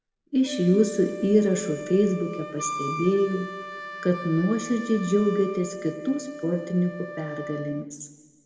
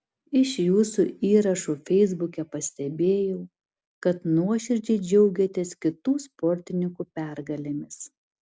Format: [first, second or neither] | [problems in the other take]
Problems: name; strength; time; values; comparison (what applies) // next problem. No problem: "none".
second | background sound (Wind instrument, woodwind instrument); 12 dB below the speech // room echo; dies away in 1.5 s